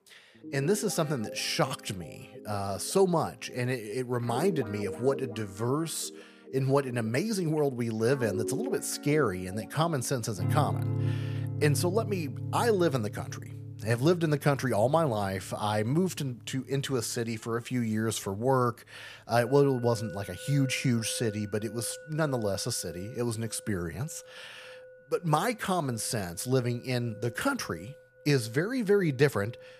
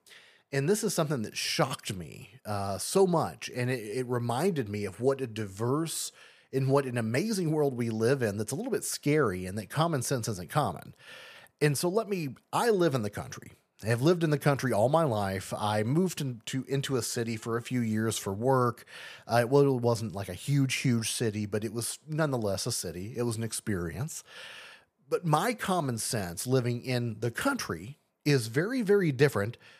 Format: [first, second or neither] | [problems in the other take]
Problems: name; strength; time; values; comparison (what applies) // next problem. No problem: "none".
second | background music; noticeable; throughout; 10 dB below the speech